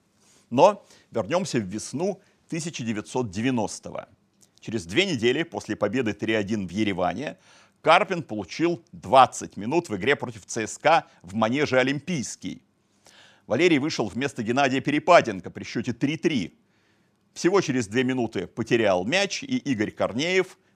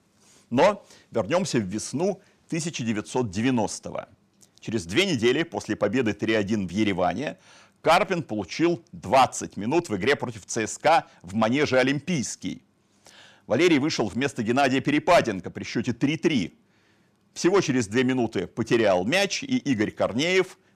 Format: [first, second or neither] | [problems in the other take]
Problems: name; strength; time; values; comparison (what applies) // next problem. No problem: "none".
first | distortion; slight; 10 dB below the speech